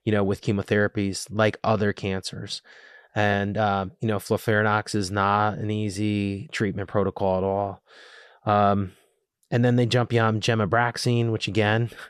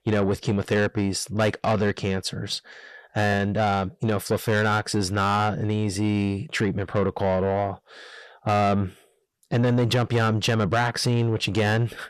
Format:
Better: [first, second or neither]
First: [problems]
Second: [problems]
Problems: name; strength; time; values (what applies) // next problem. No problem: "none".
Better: first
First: none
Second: distortion; slight; 10 dB below the speech